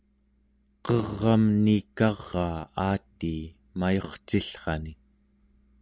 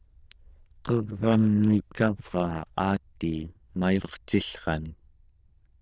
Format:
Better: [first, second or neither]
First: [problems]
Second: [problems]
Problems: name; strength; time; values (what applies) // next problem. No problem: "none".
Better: first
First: none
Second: noise reduction (neural diffusion model UNIVERSE++)